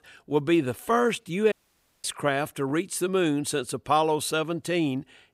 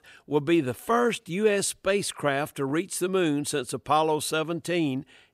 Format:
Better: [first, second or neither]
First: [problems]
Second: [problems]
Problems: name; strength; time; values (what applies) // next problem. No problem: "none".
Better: second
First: audio cutting out; at 1.5 s for 0.5 s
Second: none